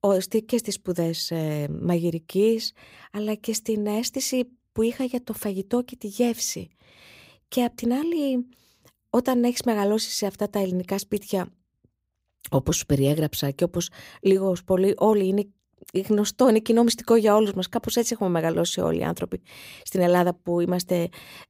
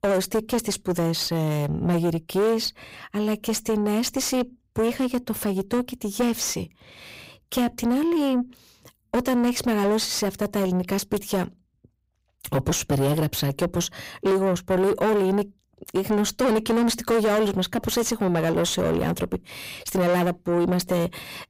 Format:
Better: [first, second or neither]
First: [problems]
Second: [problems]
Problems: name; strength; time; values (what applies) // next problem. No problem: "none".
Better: first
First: none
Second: distortion; heavy; 7 dB below the speech